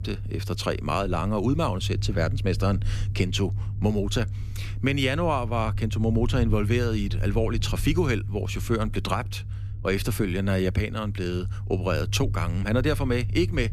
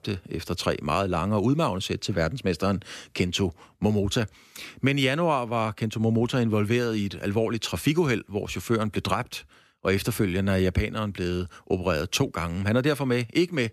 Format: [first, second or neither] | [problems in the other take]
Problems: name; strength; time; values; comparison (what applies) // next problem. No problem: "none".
second | low rumble; noticeable; throughout; 15 dB below the speech